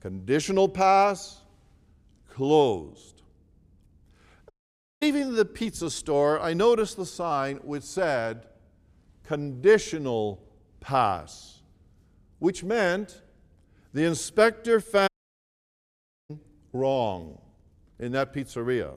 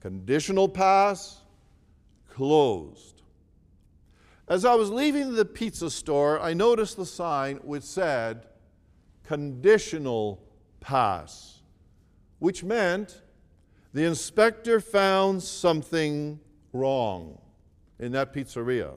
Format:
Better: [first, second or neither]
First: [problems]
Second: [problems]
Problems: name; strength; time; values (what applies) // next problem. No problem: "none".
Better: second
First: audio cutting out; at 4.5 s for 0.5 s and at 15 s for 1 s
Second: none